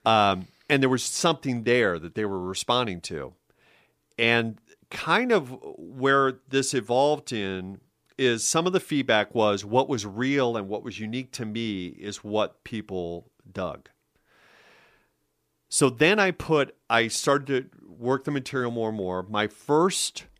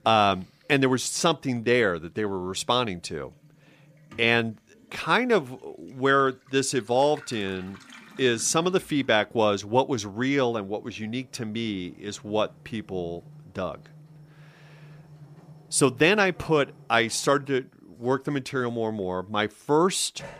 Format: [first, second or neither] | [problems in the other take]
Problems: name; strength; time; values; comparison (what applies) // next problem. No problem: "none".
first | household noises; faint; throughout; 25 dB below the speech